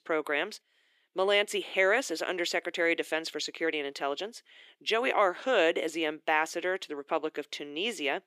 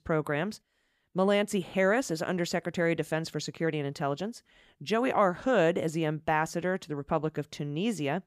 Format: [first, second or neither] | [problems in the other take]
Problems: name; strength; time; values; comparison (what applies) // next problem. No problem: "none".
second | thin; somewhat; fading below 350 Hz